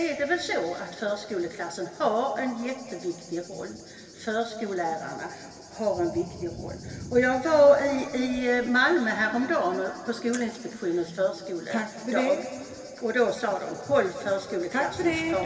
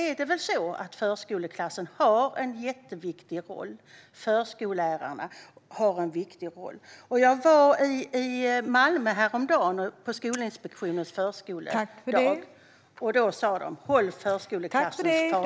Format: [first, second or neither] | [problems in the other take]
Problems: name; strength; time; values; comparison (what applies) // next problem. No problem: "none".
second | background sound (Thunder / Cricket); 20 dB below the speech // room echo; dies away in 2.5 s